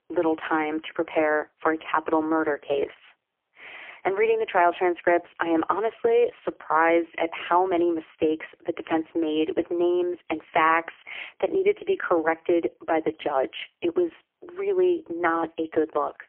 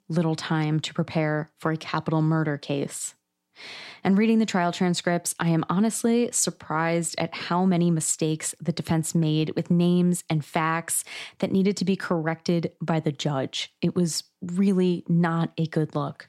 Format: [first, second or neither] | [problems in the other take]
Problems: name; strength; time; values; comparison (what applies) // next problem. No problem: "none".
second | phone-call audio; poor line; nothing above 3.5 kHz